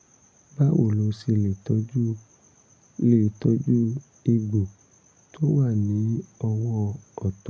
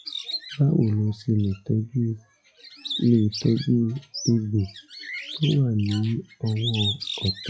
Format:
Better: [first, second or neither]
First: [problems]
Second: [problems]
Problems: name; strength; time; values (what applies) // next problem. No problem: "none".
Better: first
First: none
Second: noise reduction (classical method log-MMSE)